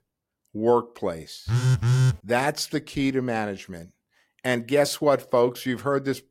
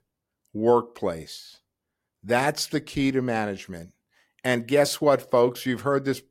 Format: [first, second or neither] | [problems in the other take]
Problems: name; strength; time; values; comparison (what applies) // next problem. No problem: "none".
second | phone ringing; loud; at 1.5 s; peak 4 dB above the speech